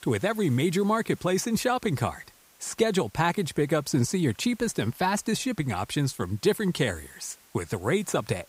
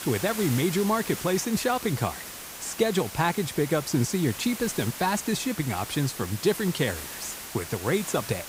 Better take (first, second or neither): first